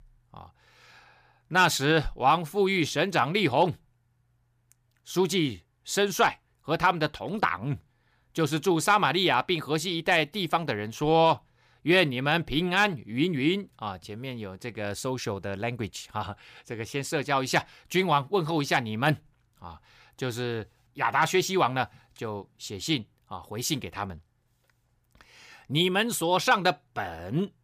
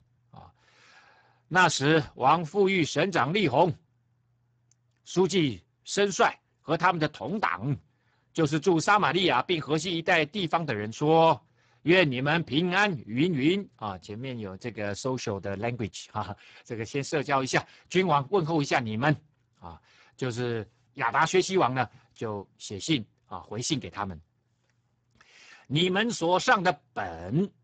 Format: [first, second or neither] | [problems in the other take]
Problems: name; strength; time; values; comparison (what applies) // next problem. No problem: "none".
first | garbled, watery; badly; nothing above 7.5 kHz